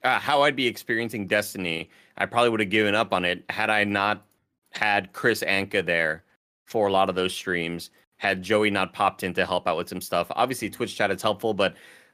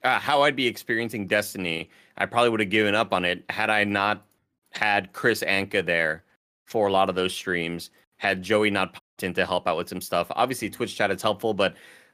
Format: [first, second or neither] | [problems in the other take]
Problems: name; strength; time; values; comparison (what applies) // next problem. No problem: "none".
first | audio cutting out; at 9 s